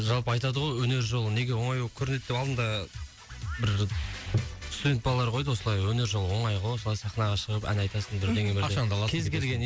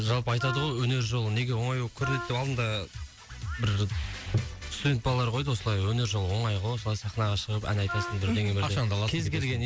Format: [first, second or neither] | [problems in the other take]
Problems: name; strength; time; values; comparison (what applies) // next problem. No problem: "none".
first | background sound (Wind instrument, woodwind instrument); 11 dB below the speech